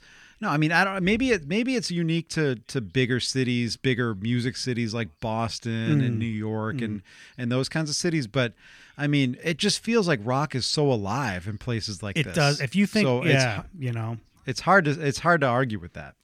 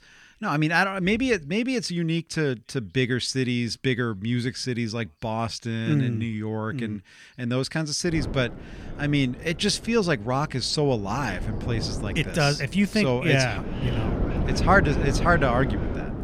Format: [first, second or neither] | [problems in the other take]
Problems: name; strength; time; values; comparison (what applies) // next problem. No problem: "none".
first | wind noise on the microphone; heavy; from 8 s on; 10 dB below the speech